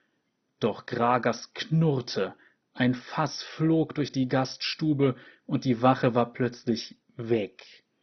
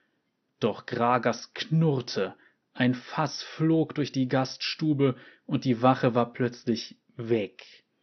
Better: second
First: garbled, watery; badly; nothing above 6 kHz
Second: garbled, watery; slightly; nothing above 6 kHz

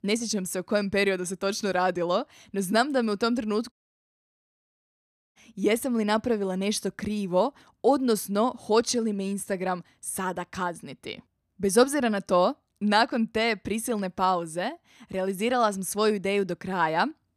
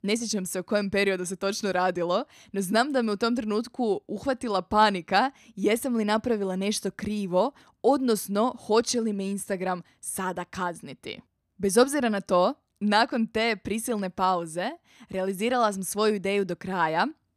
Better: second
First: audio cutting out; at 3.5 s for 1.5 s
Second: none

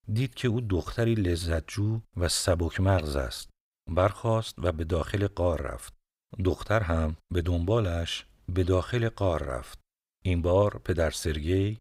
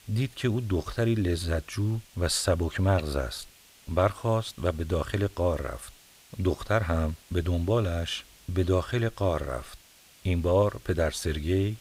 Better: first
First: none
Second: hiss; faint; throughout; 25 dB below the speech

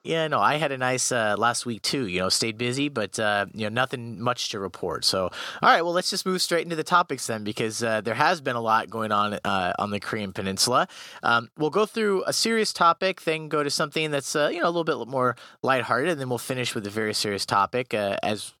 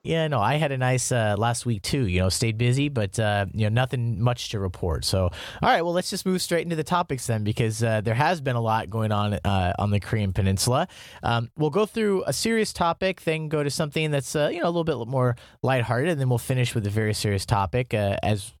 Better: second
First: thin; somewhat; fading below 250 Hz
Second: none

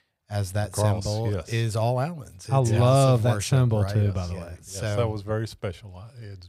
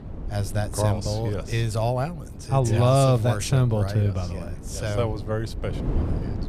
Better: first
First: none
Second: wind noise on the microphone; occasional gusts; 15 dB below the speech

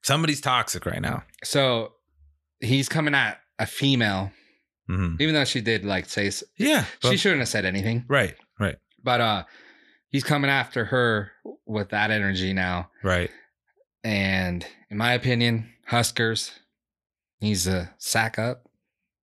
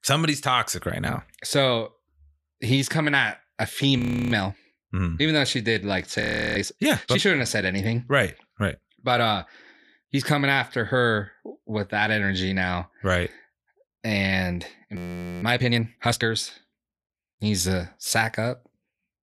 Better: first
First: none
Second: audio freezing; at 4 s, at 6 s and at 15 s

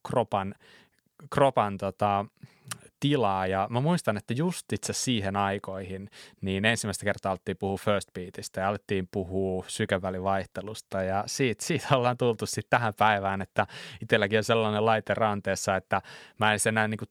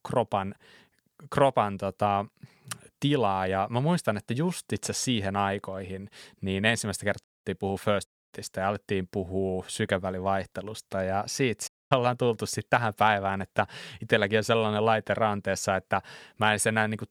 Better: first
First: none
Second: audio cutting out; at 7 s, at 8 s and at 12 s

